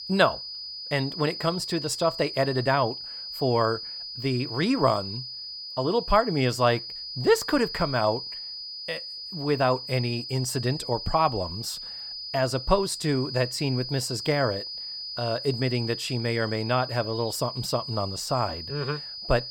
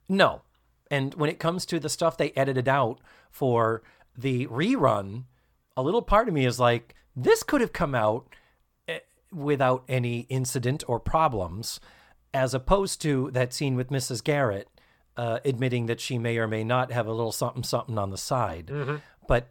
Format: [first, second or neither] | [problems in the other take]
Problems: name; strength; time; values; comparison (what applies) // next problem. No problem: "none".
second | high-pitched whine; loud; throughout; 5 kHz, 7 dB below the speech